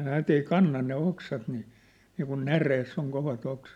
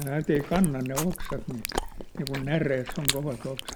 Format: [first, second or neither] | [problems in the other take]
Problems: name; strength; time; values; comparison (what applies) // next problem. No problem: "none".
first | background sound (Chewing, mastication); 6 dB below the speech